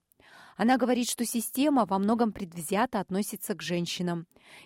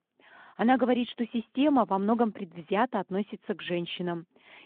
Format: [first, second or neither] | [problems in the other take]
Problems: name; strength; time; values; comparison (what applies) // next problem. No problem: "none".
first | phone-call audio